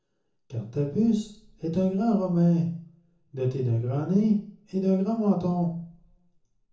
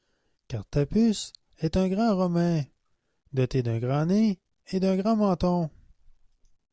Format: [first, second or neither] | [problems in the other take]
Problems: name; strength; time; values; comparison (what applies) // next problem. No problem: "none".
second | room echo; dies away in 0.7 s